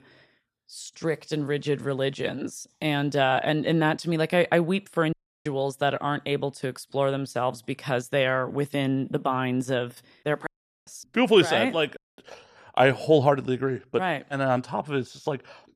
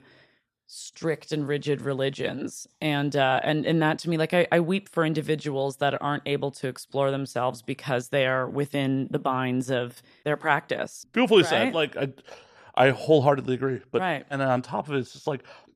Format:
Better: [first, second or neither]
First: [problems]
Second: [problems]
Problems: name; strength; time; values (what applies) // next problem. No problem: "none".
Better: second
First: audio cutting out; at 5 s, at 10 s and at 12 s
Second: none